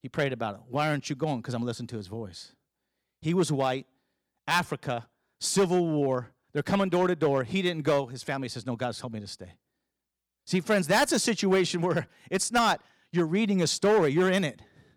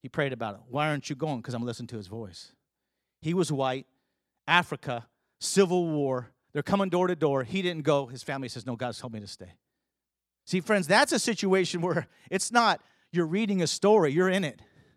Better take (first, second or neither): second